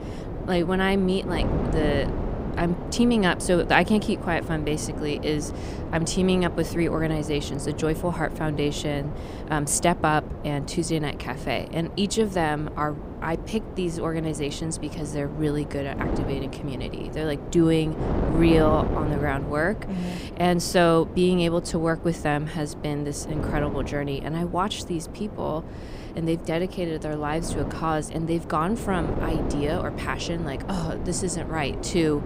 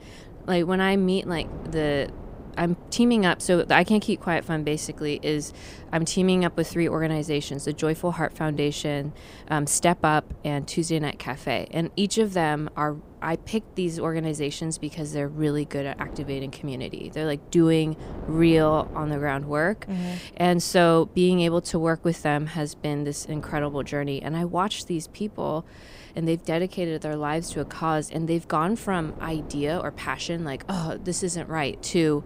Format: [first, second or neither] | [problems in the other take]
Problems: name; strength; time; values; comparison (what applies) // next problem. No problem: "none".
second | wind noise on the microphone; heavy; 10 dB below the speech; occasional gusts in the second